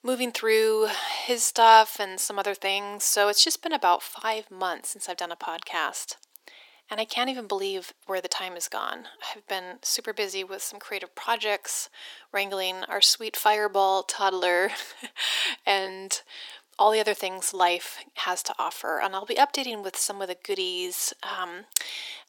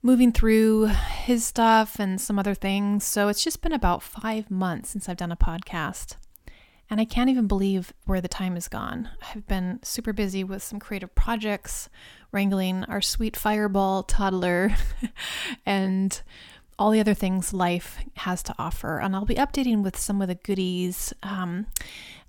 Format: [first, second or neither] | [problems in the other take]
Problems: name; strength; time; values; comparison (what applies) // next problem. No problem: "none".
second | thin; very; fading below 350 Hz